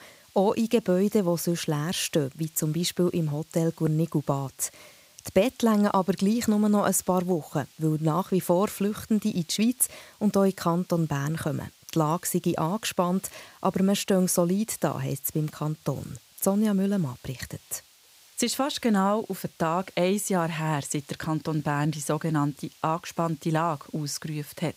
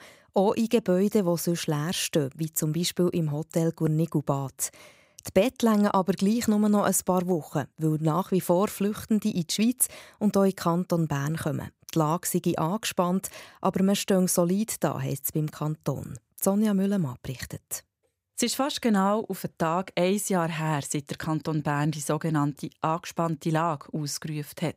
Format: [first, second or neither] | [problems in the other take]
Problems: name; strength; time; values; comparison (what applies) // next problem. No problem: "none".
second | hiss; faint; throughout; 25 dB below the speech